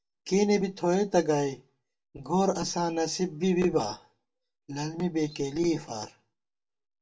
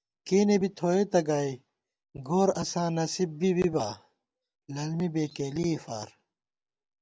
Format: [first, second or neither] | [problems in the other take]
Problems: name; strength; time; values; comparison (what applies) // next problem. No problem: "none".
second | room echo; dies away in 0.2 s